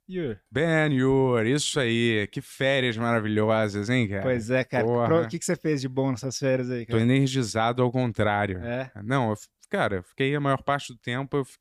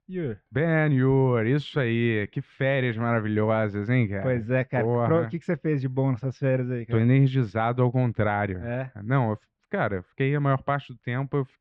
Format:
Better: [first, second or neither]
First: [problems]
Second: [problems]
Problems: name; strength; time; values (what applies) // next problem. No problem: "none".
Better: first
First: none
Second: muffled; very; fading above 2.5 kHz